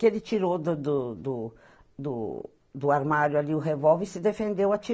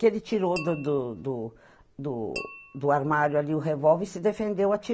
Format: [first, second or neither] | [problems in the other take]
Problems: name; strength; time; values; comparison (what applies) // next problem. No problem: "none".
first | background sound (Tap / Glass); 18 dB below the speech